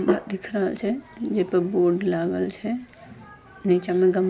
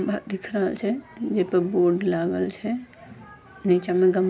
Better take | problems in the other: second | background sound (Hands); 12 dB below the speech

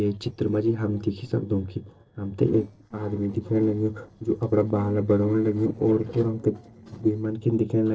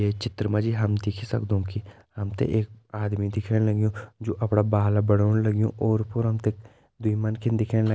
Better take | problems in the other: second | noise reduction (neural separator model SepFormer DNS4)

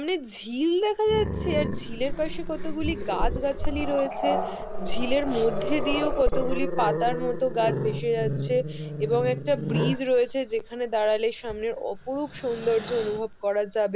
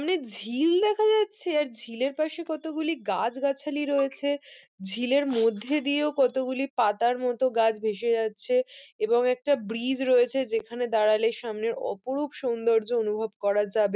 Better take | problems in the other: second | background sound (Growling); 2 dB below the speech

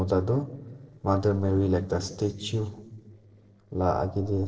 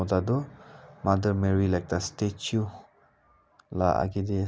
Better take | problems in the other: second | noise reduction (neural separator model SepFormer DNS4)

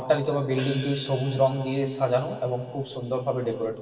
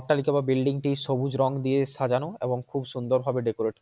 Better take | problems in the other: second | background sound (Hi-hat); 19 dB below the speech // room echo; dies away in 2.3 s

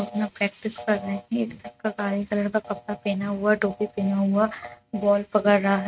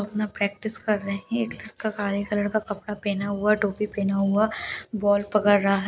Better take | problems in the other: second | noise reduction (neural mask model RNNoise)

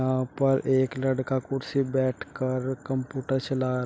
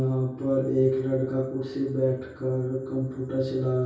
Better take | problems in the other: first | room echo; dies away in 0.6 s

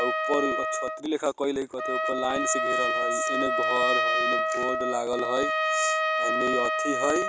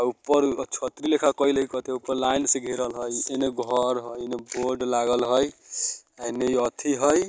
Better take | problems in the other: second | background sound (Trumpet); 3 dB above the speech

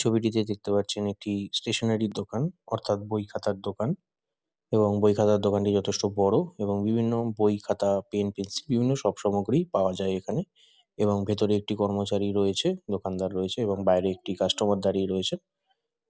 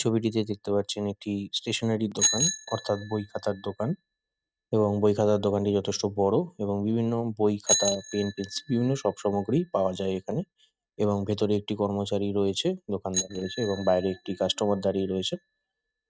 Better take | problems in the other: first | noise reduction (neural mask model RNNoise)

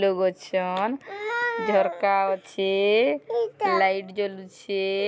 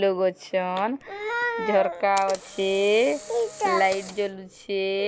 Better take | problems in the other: first | background sound (Camera); 19 dB below the speech

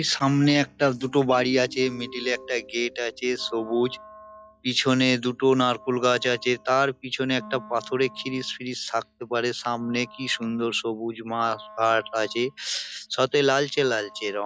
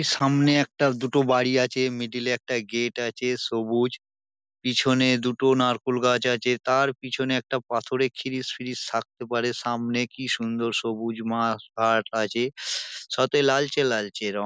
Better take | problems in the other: second | noise reduction (classical method log-MMSE)

